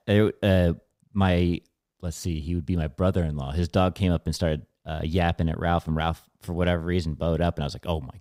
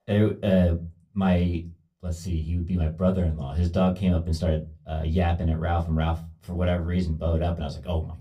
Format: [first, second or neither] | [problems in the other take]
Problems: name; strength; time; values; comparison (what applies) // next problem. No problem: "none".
first | off-mic speech; far // room echo; very slight; dies away in 0.2 s